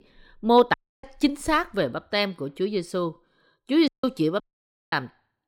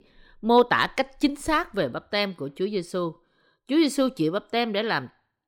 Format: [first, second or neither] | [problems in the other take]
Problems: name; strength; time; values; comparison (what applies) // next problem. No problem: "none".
second | audio cutting out; at 0.5 s, at 4 s and at 4.5 s for 0.5 s